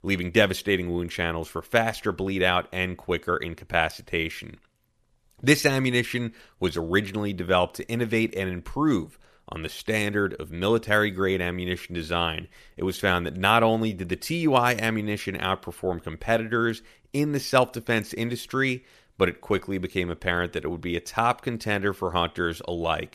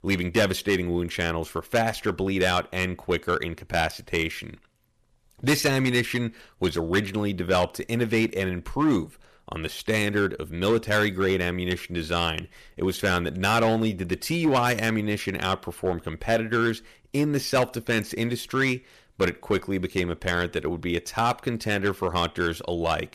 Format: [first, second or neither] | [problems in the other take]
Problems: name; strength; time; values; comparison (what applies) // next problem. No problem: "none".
first | distortion; slight; 4% of the sound clipped